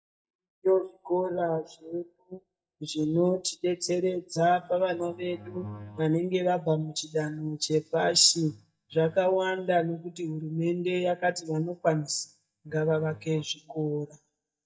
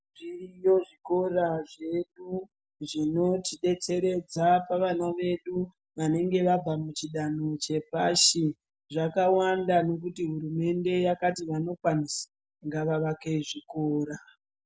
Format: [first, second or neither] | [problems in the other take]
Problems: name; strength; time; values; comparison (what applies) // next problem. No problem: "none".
second | noise reduction (neural mask model DeepFilterNet 3)